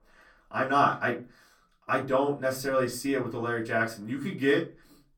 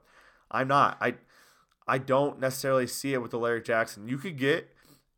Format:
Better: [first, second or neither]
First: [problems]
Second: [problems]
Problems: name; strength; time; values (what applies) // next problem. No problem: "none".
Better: second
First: off-mic speech; far // room echo; very slight; dies away in 0.2 s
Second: none